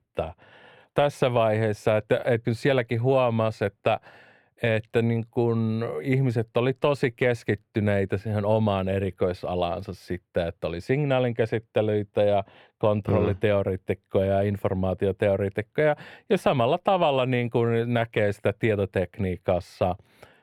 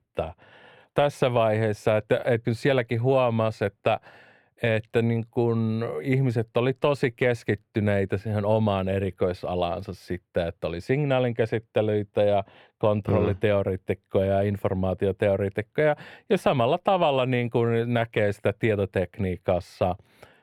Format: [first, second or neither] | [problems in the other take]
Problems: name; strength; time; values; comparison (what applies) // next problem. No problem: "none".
neither | muffled; slightly; fading above 1.5 kHz; the same in both